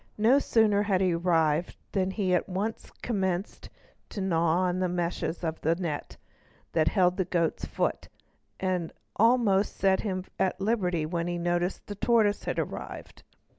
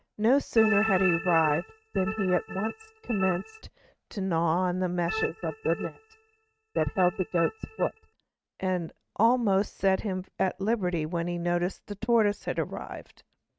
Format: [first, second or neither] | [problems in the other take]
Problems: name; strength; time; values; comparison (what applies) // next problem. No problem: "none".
first | noise reduction (neural mask model RNNoise)